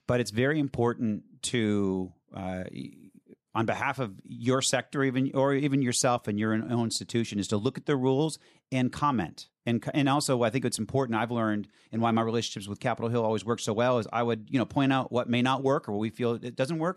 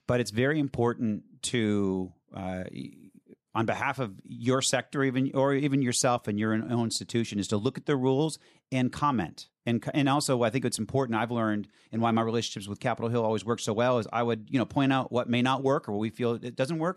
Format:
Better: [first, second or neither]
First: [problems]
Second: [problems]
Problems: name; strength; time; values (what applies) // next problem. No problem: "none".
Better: neither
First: none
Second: none